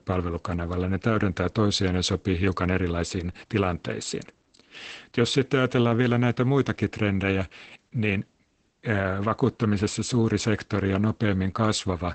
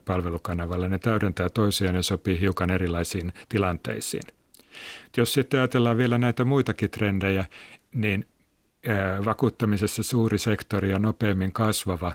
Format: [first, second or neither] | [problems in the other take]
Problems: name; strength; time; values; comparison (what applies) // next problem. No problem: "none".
second | garbled, watery; badly; nothing above 8 kHz; slightly in the second